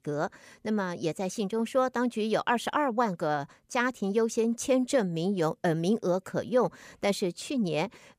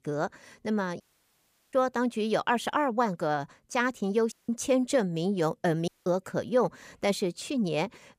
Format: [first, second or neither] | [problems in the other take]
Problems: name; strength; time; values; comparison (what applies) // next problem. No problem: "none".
first | audio cutting out; at 1 s for 0.5 s, at 4.5 s and at 6 s